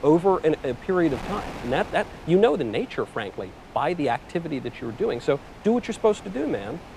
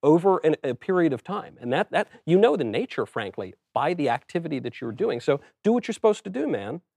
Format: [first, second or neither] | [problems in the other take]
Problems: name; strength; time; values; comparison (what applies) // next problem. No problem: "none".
second | wind noise on the microphone; occasional gusts; 15 dB below the speech